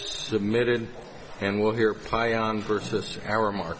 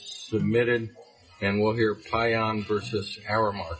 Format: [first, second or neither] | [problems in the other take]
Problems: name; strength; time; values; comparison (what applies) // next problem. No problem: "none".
first | noise reduction (classical method WPE with log-MMSE)